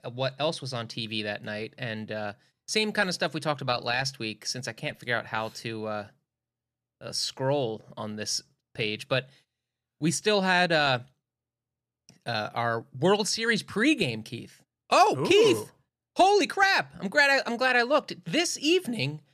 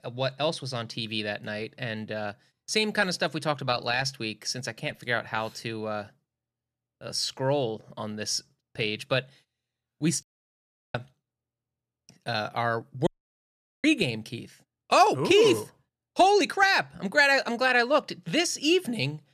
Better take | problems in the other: first | audio cutting out; at 10 s for 0.5 s and at 13 s for 1 s

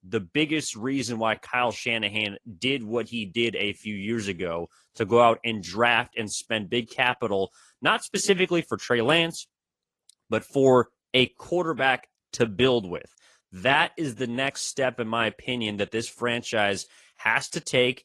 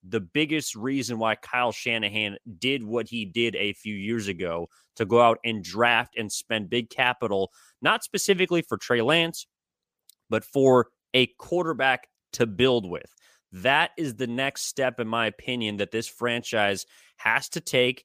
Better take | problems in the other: second | garbled, watery; slightly

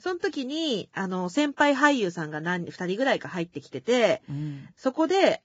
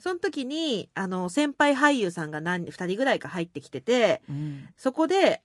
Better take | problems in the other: second | garbled, watery; badly; nothing above 7.5 kHz; slightly in the second

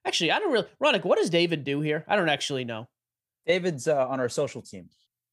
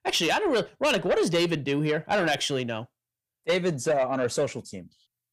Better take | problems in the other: first | distortion; slight; 10 dB below the speech

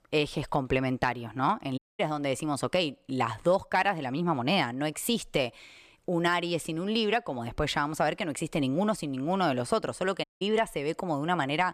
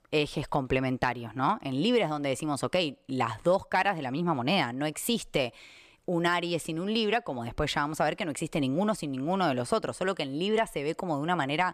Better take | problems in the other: second | audio cutting out; at 2 s and at 10 s

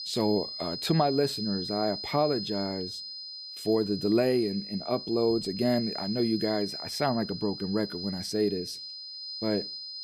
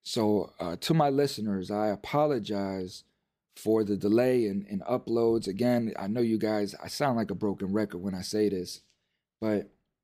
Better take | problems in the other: second | high-pitched whine; loud; throughout; 5 kHz, 7 dB below the speech

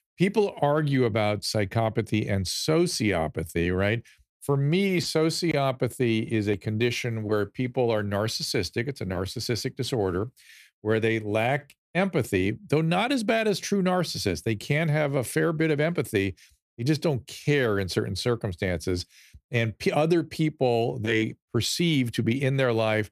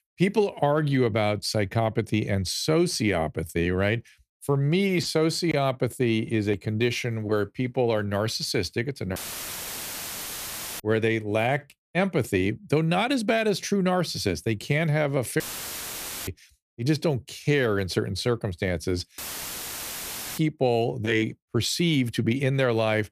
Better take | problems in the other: first | audio cutting out; filled with static; at 9 s for 1.5 s, at 15 s for 1 s and at 19 s for 1 s

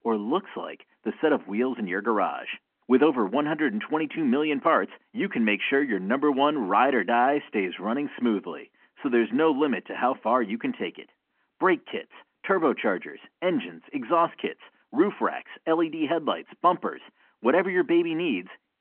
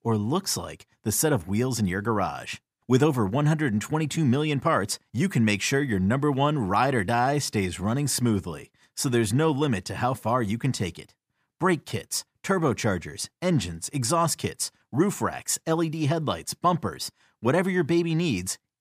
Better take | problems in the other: second | phone-call audio

